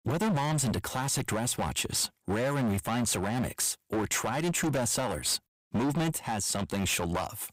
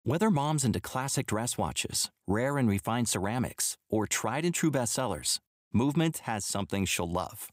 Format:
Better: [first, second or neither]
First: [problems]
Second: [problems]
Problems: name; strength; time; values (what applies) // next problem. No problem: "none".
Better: second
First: distortion; heavy; 20% of the sound clipped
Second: none